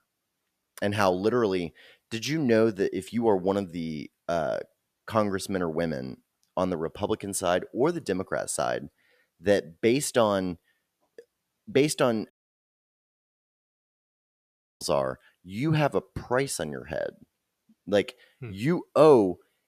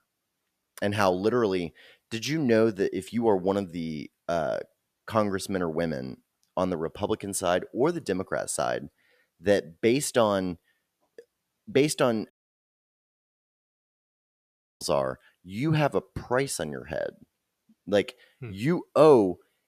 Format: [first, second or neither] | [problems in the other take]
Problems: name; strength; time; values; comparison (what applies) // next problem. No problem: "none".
neither | audio cutting out; at 12 s for 2.5 s; the same in both